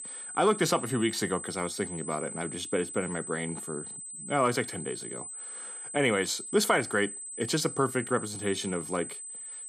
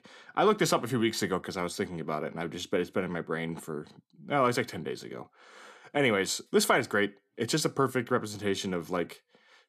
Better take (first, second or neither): second